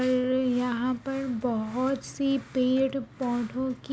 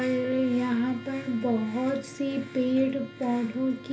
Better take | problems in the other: first | background sound (Bowed string instrument); 19 dB below the speech // room echo; dies away in 0.3 s

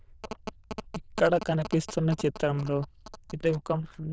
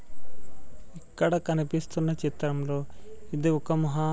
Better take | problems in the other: second | noise reduction (neural diffusion model UNIVERSE++)

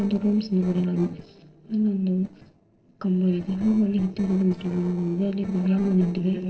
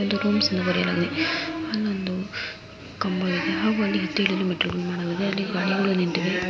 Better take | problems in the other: second | noise reduction (neural separator model SepFormer DNS4)

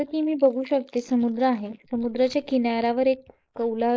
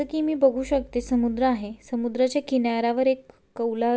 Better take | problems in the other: second | noise reduction (neural mask model Resemble Enhance denoiser)

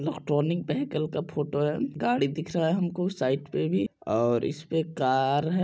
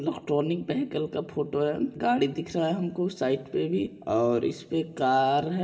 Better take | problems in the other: first | room echo; dies away in 2.8 s

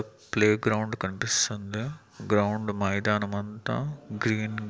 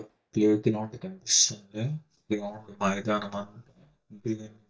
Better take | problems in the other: first | noise reduction (neural mask model DeepFilterNet 3)

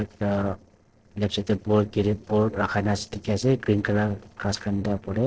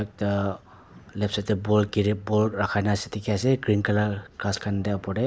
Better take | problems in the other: second | noise reduction (neural separator model SepFormer DNS4)

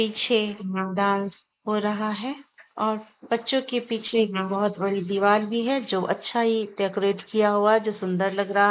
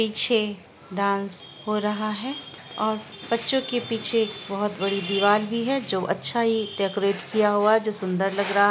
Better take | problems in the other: second | noise reduction (neural mask model Resemble Enhance denoiser)

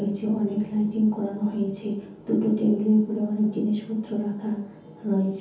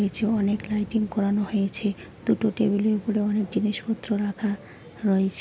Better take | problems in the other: second | room echo; dies away in 0.6 s

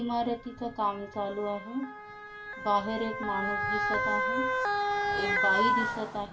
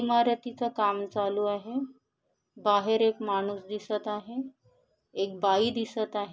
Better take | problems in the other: second | background sound (Motor vehicle (road) / Siren); 2 dB above the speech // room echo; dies away in 0.2 s

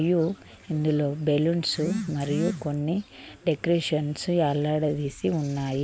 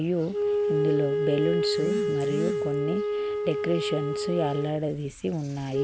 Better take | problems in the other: first | background sound (Wind instrument, woodwind instrument); 1 dB above the speech

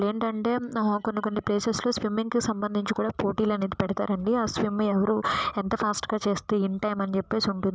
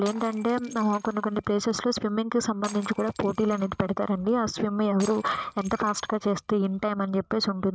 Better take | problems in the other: first | noise reduction (neural mask model RNNoise)

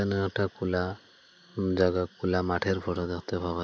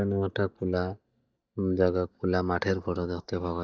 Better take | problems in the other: first | noise reduction (neural mask model DeepFilterNet 3)

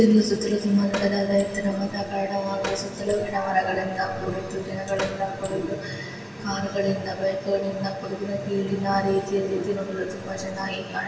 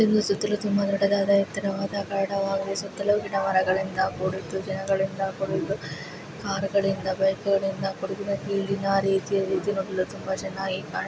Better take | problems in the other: second | background sound (Door); 11 dB below the speech // room echo; dies away in 1.3 s

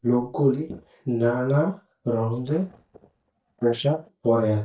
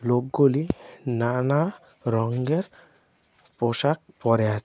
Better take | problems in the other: second | noise reduction (neural mask model DeepFilterNet 3)

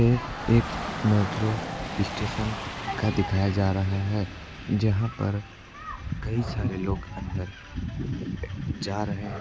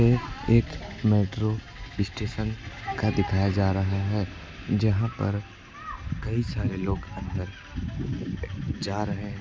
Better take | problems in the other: second | background sound (Rain / Dog); 12 dB below the speech

